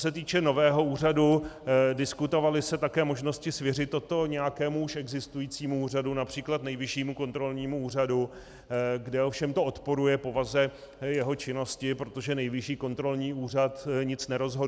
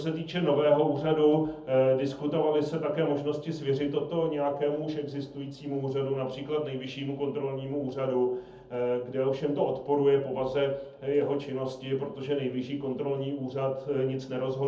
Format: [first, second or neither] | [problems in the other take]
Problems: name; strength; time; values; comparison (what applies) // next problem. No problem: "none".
first | room echo; dies away in 0.7 s